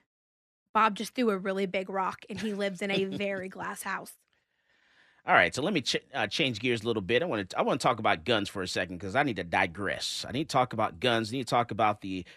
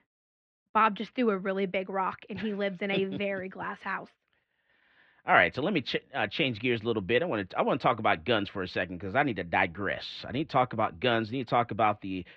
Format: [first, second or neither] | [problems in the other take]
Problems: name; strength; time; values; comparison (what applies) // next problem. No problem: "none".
first | muffled; slightly; fading above 3.5 kHz